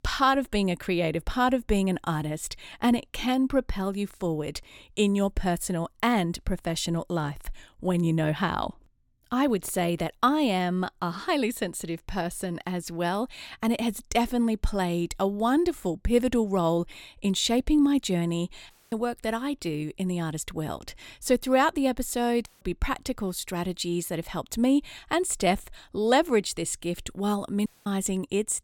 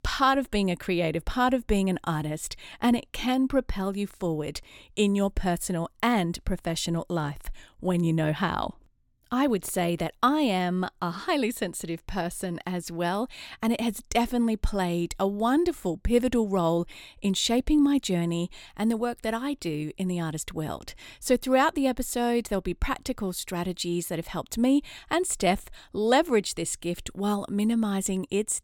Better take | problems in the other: second | audio cutting out; at 19 s, at 22 s and at 28 s

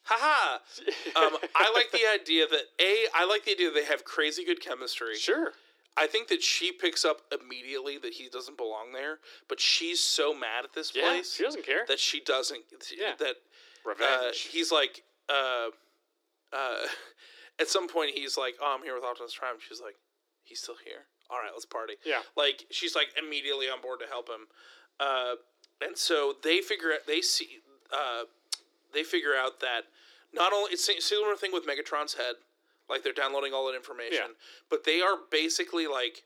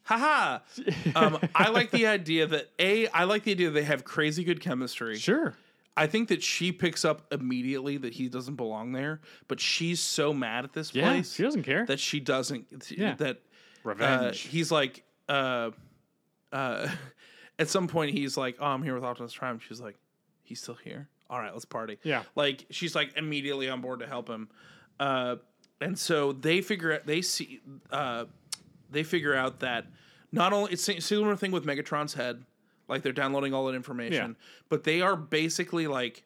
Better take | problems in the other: second | thin; very; fading below 300 Hz

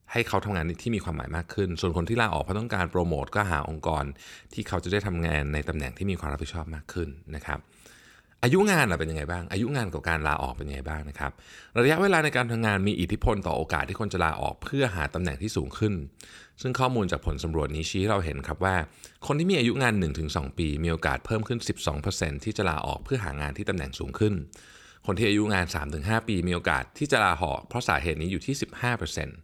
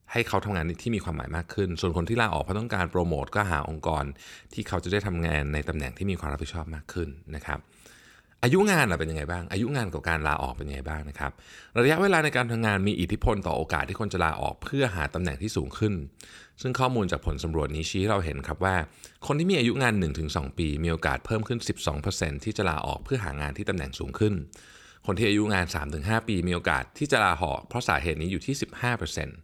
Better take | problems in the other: neither | none

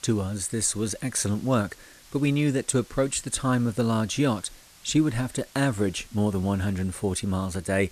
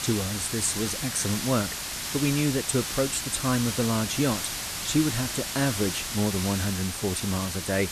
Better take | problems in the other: first | hiss; loud; throughout; 3 dB below the speech; faint in the first

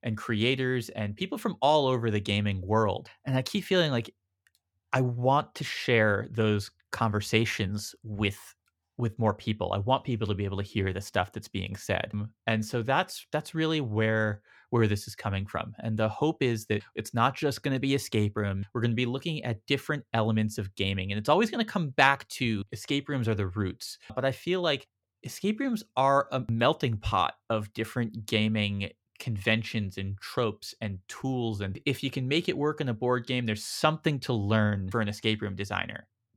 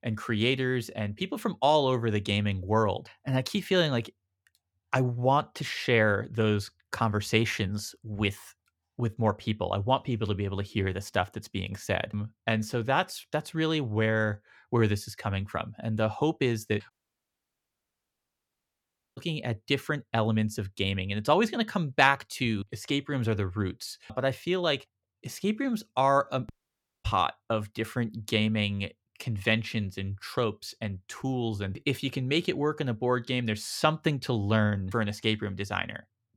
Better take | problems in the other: first | audio cutting out; at 17 s for 2.5 s and at 27 s for 0.5 s

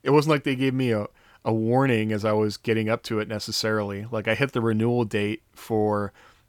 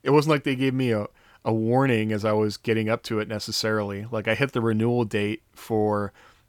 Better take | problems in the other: neither | none

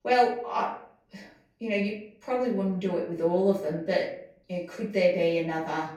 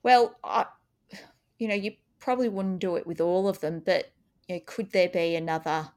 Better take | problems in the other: second | off-mic speech; far // room echo; noticeable; dies away in 0.5 s

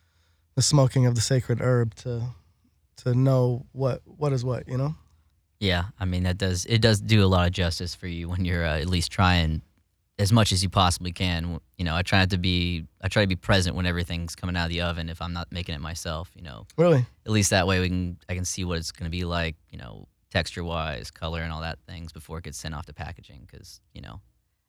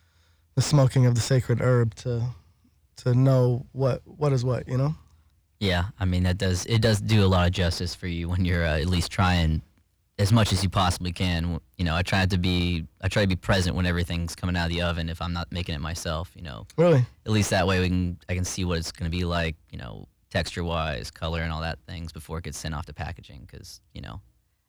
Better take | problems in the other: first | distortion; slight; 10 dB below the speech

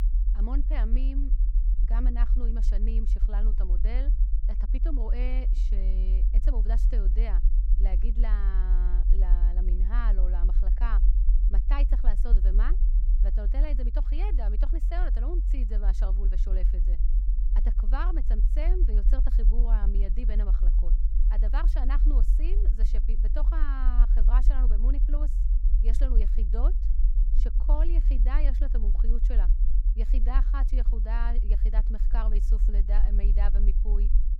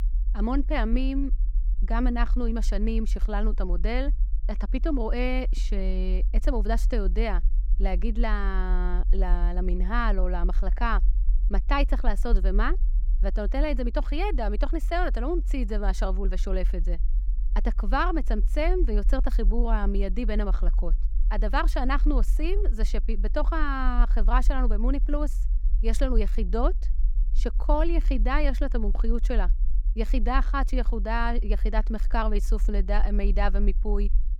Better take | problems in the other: second | low rumble; loud; throughout; 8 dB below the speech; faint in the second

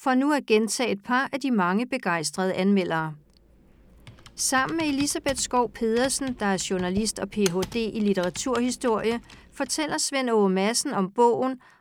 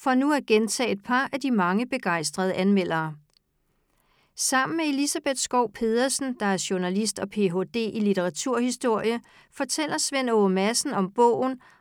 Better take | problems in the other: second | keyboard typing; noticeable; from 4 to 9 s; peak 8 dB below the speech

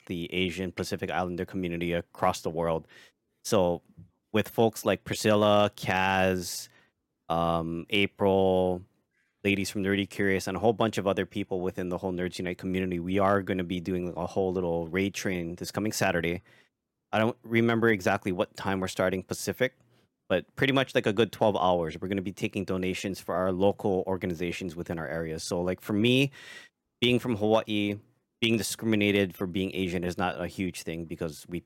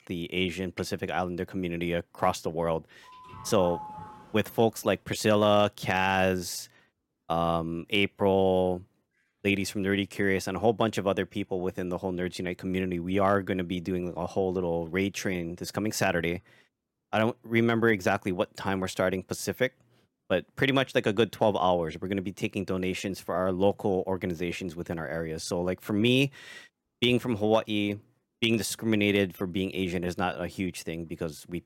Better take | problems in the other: first | doorbell; faint; from 3 to 4.5 s; peak 10 dB below the speech

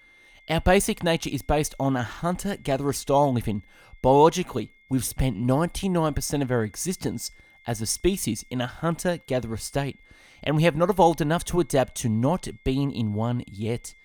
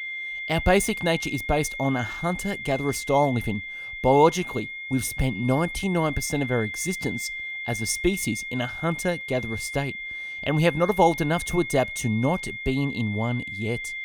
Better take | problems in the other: first | high-pitched whine; loud; throughout; 2 kHz, 7 dB below the speech; faint in the first

